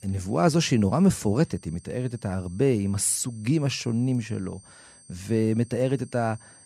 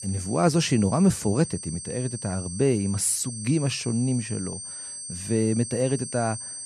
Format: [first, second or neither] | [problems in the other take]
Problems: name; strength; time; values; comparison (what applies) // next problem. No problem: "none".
first | high-pitched whine; loud; throughout; 8.5 kHz, 9 dB below the speech; faint in the first